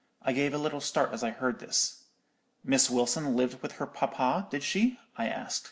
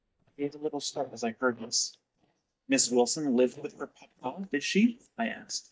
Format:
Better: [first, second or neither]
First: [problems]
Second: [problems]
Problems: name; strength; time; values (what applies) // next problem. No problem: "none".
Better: first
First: none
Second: noise reduction (neural mask model DeepFilterNet 3)